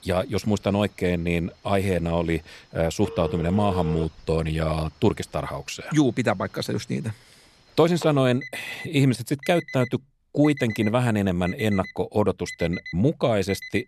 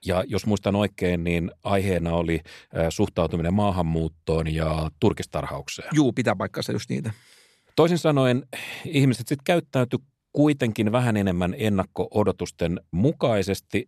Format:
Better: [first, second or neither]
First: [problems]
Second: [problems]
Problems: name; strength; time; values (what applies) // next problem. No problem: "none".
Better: second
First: alarms or sirens; noticeable; throughout; 15 dB below the speech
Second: none